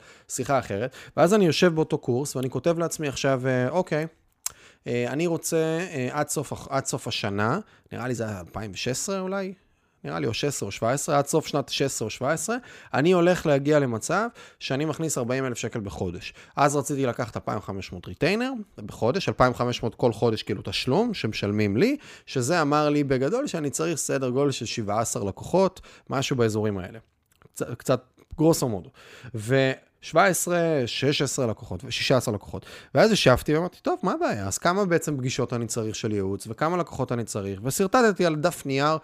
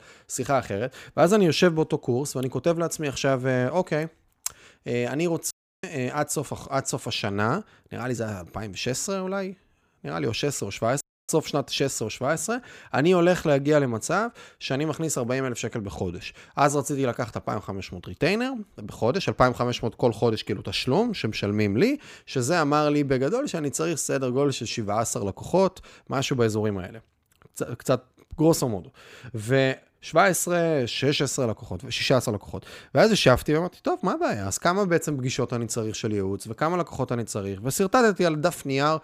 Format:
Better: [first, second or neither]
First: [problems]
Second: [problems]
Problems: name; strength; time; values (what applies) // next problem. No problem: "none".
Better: first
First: none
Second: audio cutting out; at 5.5 s and at 11 s